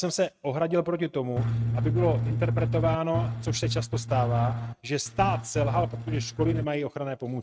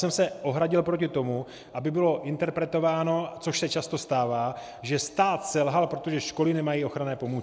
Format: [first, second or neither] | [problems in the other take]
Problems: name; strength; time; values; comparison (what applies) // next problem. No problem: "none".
second | noise reduction (neural mask model RNNoise)